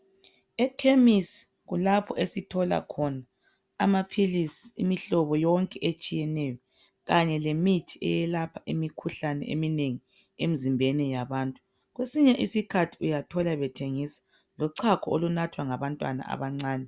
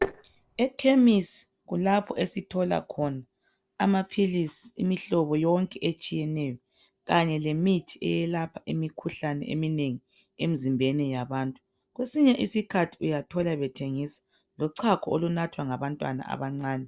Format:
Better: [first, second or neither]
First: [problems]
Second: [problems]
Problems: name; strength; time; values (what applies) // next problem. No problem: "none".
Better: first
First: none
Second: noise reduction (neural separator model SepFormer DNS4)